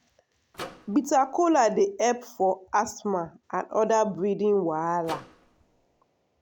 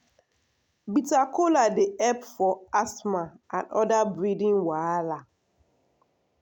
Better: second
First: background sound (Microwave oven); 18 dB below the speech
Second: none

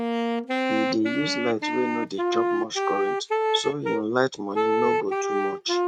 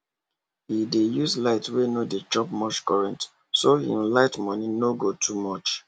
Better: second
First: noise reduction (neural mask model RNNoise)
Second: none

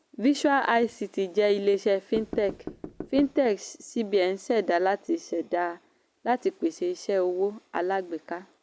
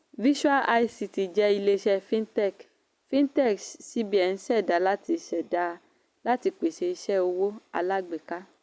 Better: second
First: background sound (Knock / Wood); 11 dB below the speech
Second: none

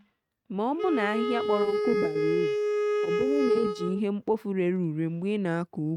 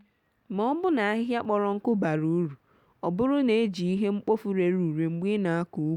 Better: second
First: noise reduction (neural mask model RNNoise)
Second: none

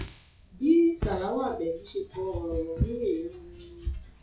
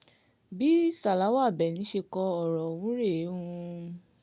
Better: second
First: noise reduction (classical method WPE with log-MMSE)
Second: none

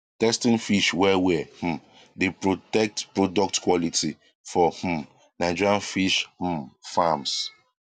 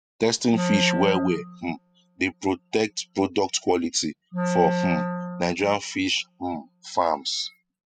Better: first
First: none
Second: noise reduction (classical method spectral subtraction)

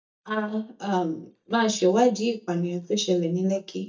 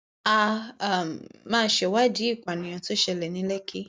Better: second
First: noise reduction (neural mask model DeepFilterNet 3)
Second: none

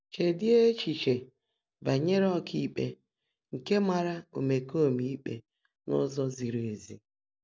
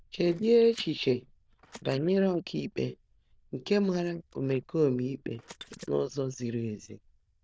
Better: first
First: none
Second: noise reduction (neural diffusion model UNIVERSE++)

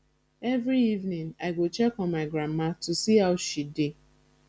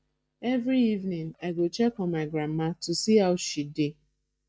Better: first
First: none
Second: noise reduction (neural mask model DeepFilterNet 3)

